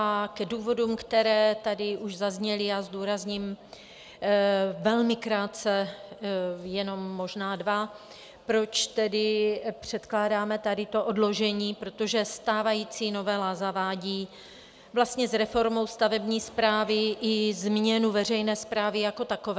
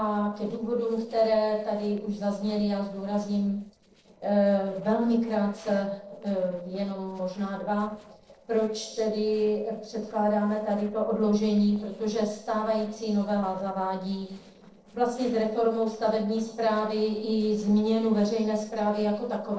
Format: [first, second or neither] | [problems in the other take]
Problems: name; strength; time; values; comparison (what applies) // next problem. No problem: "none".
first | noise reduction (neural separator model SepFormer DNS4)